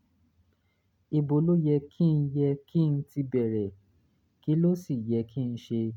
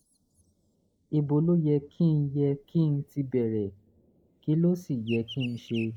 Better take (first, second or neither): first